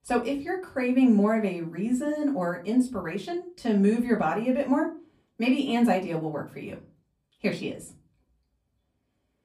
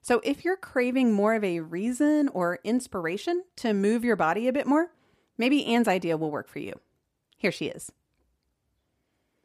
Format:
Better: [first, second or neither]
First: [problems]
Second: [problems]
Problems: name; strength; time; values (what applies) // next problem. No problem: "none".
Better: second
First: off-mic speech; far // room echo; very slight; dies away in 0.3 s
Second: none